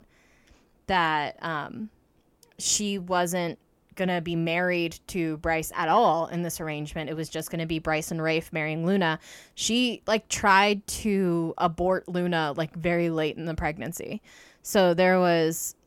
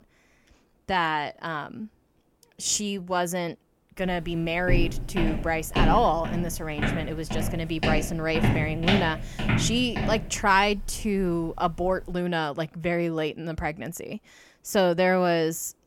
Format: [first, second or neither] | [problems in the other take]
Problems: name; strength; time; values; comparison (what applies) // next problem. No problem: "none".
first | footsteps; loud; from 4 to 12 s; peak 2 dB above the speech